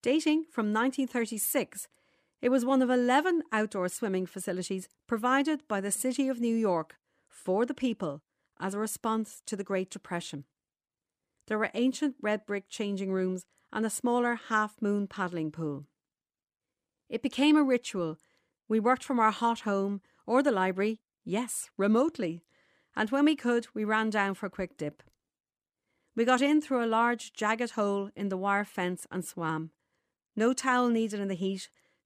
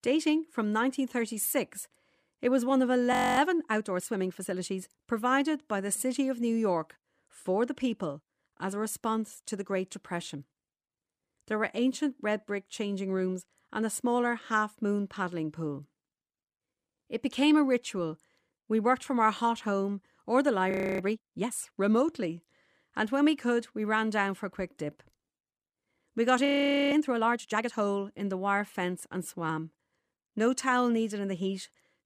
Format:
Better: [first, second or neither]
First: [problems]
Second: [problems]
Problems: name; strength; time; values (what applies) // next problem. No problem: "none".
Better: first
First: none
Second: audio freezing; at 3 s, at 21 s and at 26 s